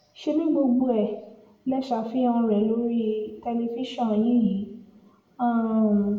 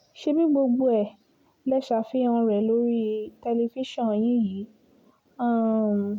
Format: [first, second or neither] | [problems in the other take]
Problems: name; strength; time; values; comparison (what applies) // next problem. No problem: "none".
second | room echo; dies away in 0.7 s